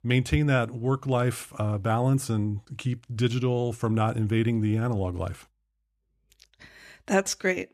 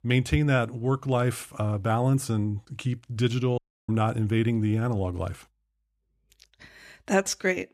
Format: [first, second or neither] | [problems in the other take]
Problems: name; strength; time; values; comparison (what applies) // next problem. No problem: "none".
first | audio cutting out; at 3.5 s